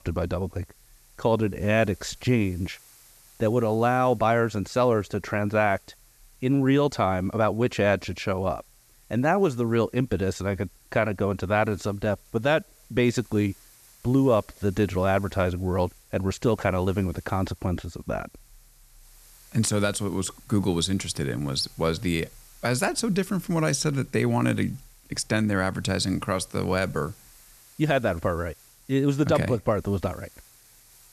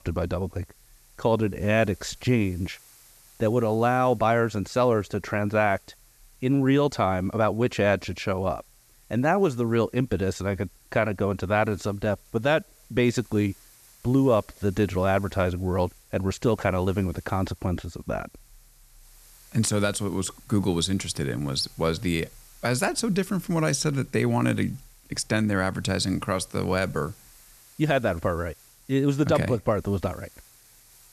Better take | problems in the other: neither | hiss; faint; throughout; 25 dB below the speech; the same in both

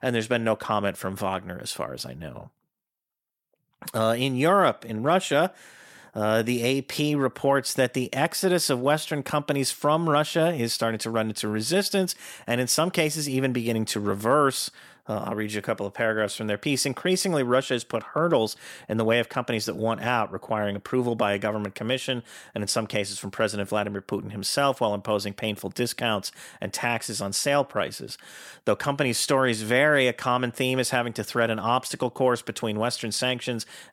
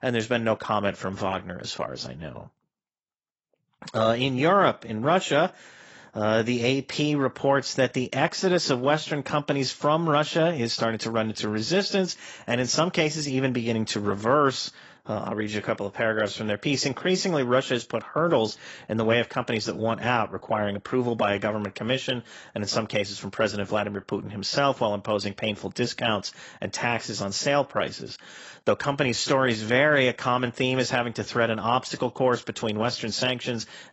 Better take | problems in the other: first | garbled, watery; badly; nothing above 7.5 kHz

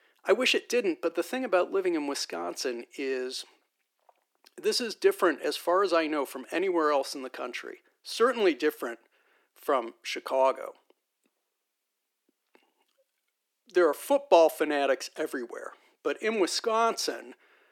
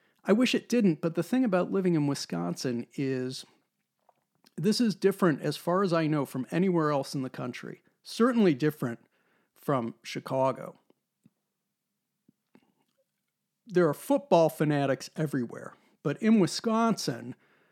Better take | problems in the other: second | thin; very; fading below 350 Hz

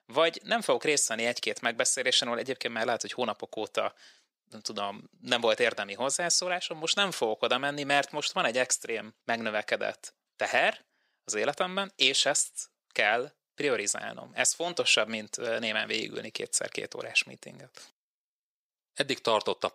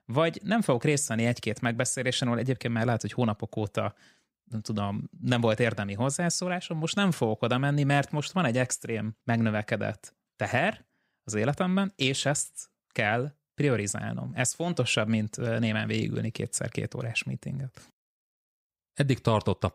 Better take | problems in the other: second | thin; somewhat; fading below 450 Hz

